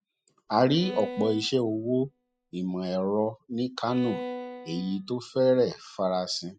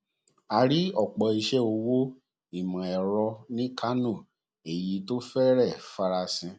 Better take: second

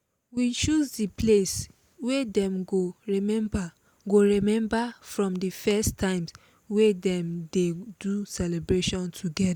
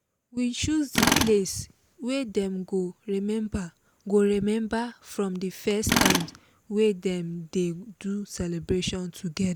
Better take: first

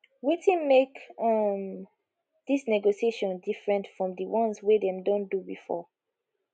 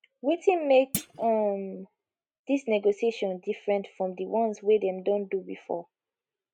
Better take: first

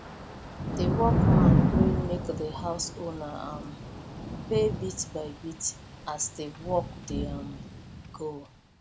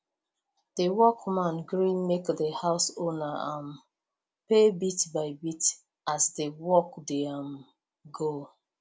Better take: second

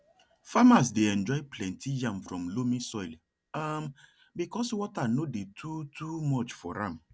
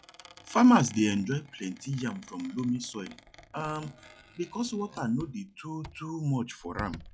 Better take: first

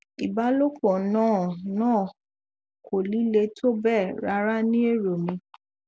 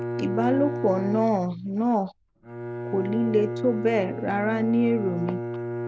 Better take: first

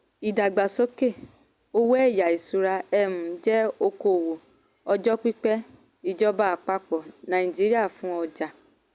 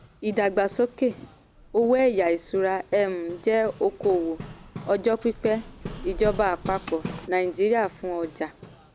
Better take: first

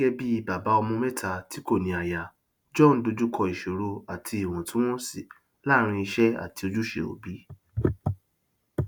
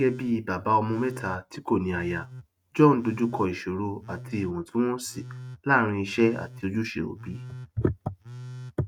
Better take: first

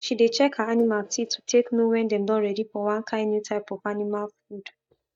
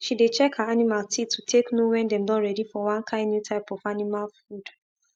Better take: second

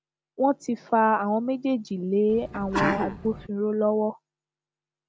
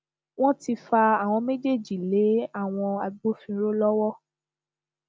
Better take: second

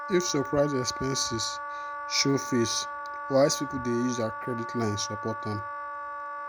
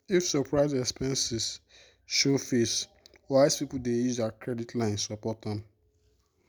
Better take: second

